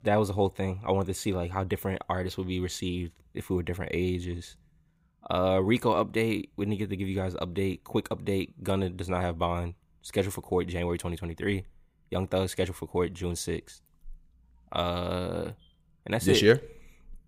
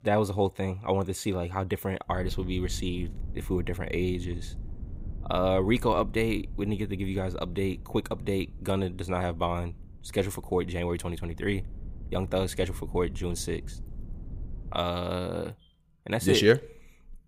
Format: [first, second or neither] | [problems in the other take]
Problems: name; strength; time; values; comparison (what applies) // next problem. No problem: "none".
first | low rumble; faint; from 2 to 15 s; 25 dB below the speech